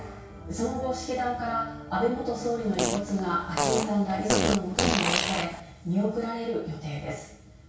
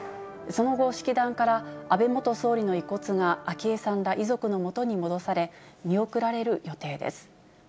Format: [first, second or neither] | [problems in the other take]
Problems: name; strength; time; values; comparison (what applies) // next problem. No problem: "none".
second | background sound (Fart); 1 dB above the speech // room echo; dies away in 0.6 s